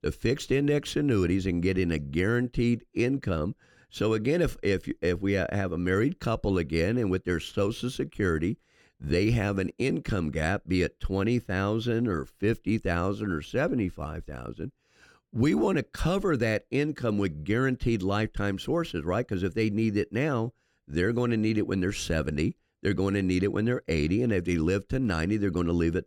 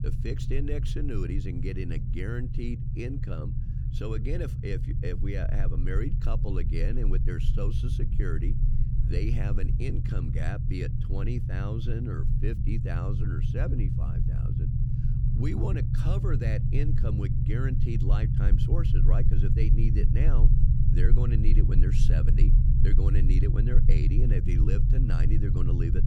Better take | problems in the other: first | low rumble; loud; throughout; 2 dB below the speech

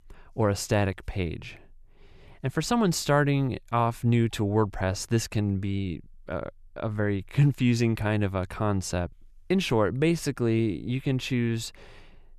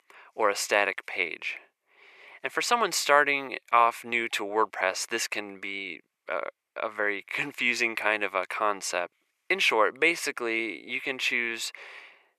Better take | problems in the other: first | thin; very; fading below 450 Hz

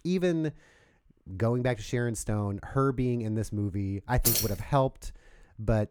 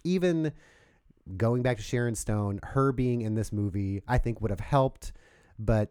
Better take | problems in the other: second | jangling keys; loud; at 4.5 s; peak 4 dB above the speech

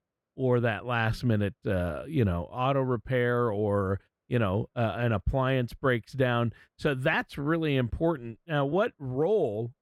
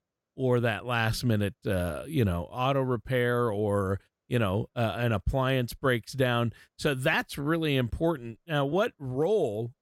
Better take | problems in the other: second | muffled; slightly; fading above 3.5 kHz

